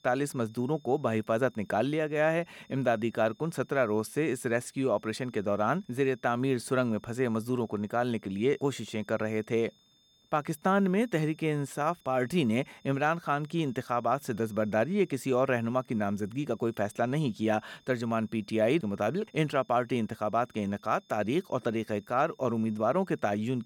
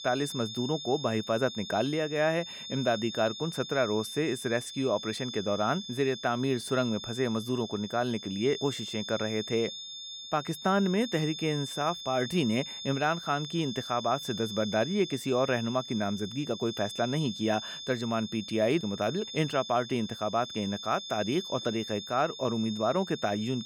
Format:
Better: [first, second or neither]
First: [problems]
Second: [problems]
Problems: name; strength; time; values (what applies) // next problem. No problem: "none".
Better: first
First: high-pitched whine; faint; throughout; 3.5 kHz, 35 dB below the speech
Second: high-pitched whine; loud; throughout; 3.5 kHz, 9 dB below the speech